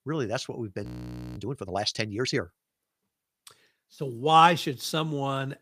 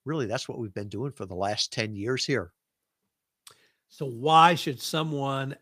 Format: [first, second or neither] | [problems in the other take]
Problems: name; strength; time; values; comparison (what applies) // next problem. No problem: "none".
second | audio freezing; at 1 s for 0.5 s